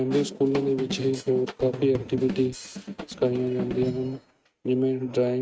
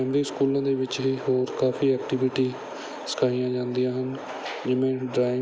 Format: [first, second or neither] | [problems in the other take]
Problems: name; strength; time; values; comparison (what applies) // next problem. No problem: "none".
second | noise reduction (neural mask model RNNoise)